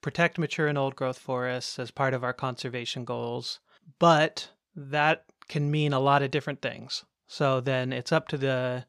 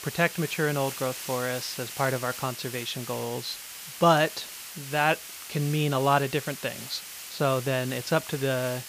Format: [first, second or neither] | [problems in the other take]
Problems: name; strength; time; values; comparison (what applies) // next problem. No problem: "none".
first | hiss; loud; throughout; 10 dB below the speech